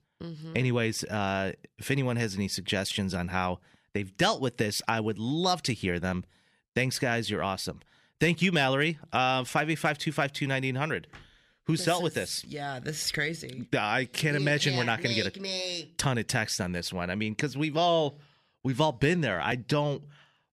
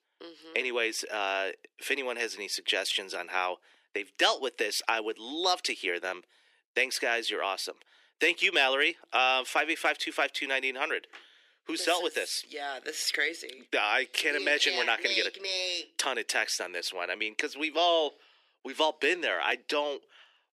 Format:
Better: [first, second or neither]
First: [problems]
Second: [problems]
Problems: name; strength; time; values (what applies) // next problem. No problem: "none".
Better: first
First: none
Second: thin; very; fading below 350 Hz